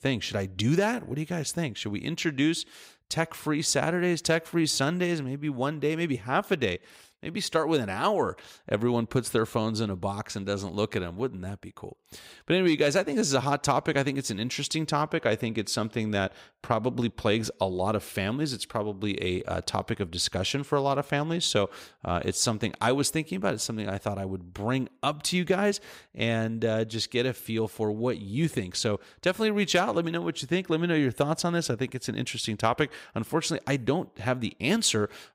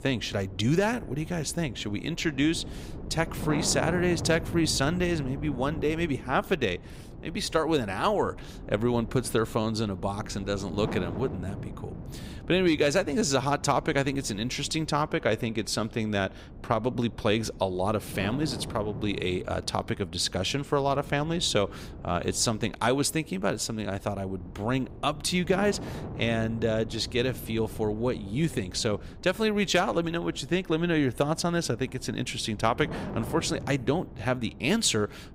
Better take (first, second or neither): first